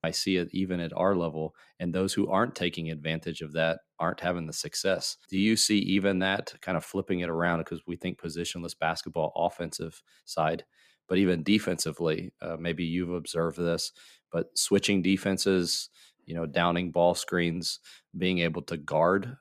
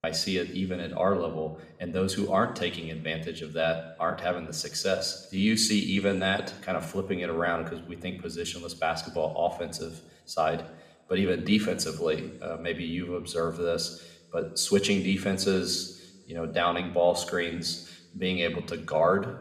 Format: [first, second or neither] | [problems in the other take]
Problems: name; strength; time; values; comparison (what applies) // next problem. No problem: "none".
first | room echo; slight; dies away in 0.8 s